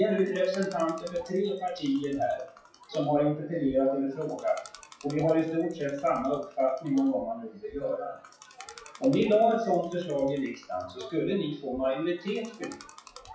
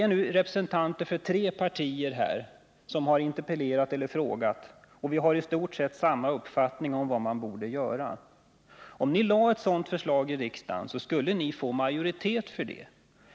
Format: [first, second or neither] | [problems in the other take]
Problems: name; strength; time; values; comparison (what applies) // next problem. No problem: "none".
second | noise reduction (classical method WPE with log-MMSE)